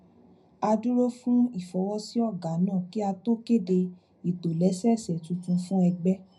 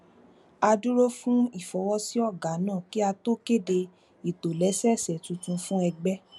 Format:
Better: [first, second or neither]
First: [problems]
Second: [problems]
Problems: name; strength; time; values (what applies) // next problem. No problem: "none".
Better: second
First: room echo; dies away in 0.4 s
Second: none